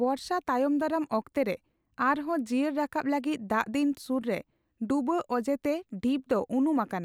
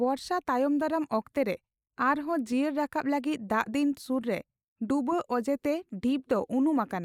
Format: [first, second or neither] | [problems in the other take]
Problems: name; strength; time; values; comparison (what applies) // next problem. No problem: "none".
first | noise reduction (neural mask model Resemble Enhance denoiser)